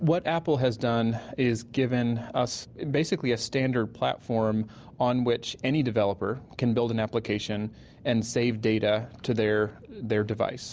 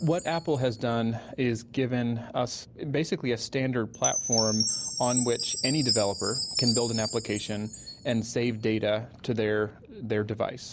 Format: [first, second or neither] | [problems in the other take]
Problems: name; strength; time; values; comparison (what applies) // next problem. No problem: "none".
first | background sound (Chime); 6 dB below the speech